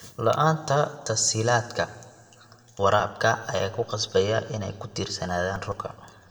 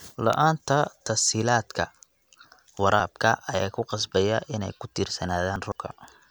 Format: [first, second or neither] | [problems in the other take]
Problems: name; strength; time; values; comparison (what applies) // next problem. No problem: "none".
second | room echo; dies away in 1.3 s